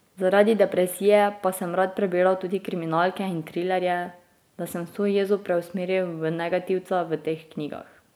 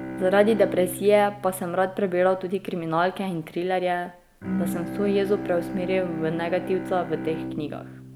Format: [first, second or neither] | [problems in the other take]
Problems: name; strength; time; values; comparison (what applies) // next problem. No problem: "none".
first | background sound (Bowed string instrument); 9 dB below the speech